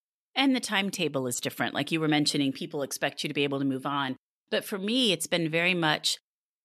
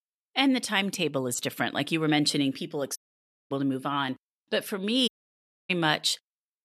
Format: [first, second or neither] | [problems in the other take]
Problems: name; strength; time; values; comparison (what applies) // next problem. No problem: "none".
first | audio cutting out; at 3 s for 0.5 s and at 5 s for 0.5 s